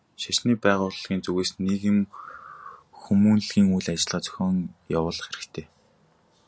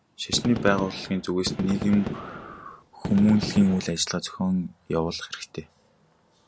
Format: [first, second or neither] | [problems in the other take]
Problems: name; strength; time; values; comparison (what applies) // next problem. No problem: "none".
first | background sound (Gunshot, gunfire); 7 dB below the speech